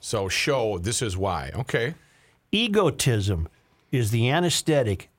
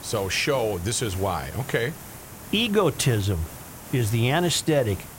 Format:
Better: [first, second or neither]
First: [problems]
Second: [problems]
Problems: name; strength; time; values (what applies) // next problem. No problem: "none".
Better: first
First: none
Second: hiss; noticeable; throughout; 15 dB below the speech